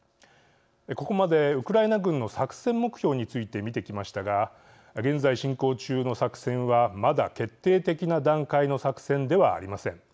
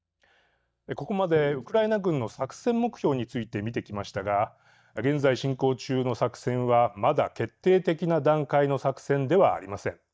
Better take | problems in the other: first | noise reduction (neural mask model DeepFilterNet 3)

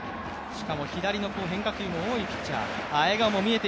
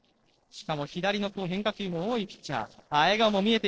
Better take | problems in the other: first | noise reduction (neural separator model SepFormer DNS4)

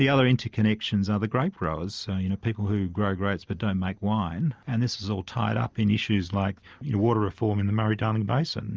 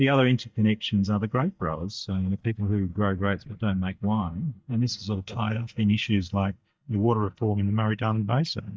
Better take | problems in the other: first | noise reduction (neural mask model DeepFilterNet 3)

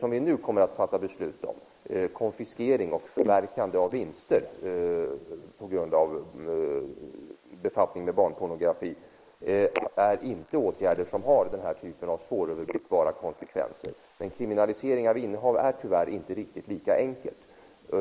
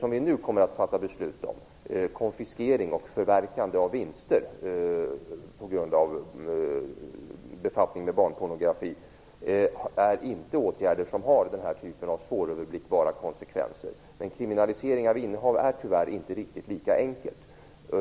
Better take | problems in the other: second | noise reduction (neural mask model Resemble Enhance denoiser)

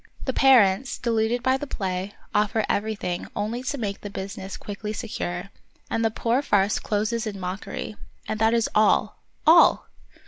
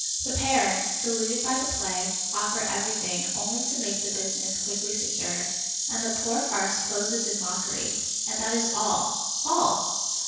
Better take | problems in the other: first | background sound (Insect); 2 dB above the speech // room echo; dies away in 1.1 s

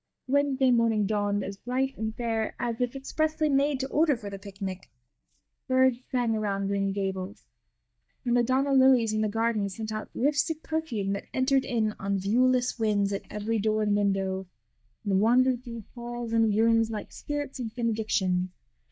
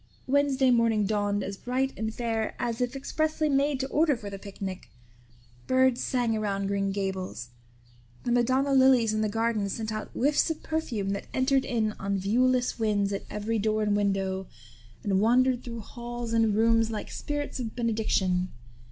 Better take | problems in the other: second | noise reduction (neural mask model DeepFilterNet 3)

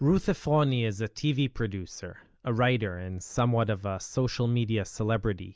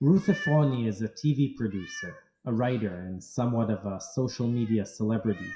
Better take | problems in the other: first | noise reduction (classical method WPE with log-MMSE)

